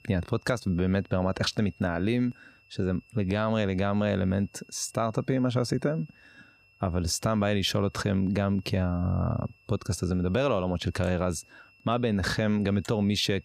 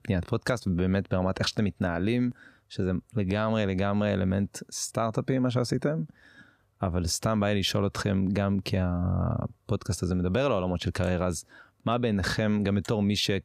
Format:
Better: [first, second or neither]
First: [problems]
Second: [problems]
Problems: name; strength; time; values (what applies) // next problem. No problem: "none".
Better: second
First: high-pitched whine; faint; throughout; 2.5 kHz, 30 dB below the speech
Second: none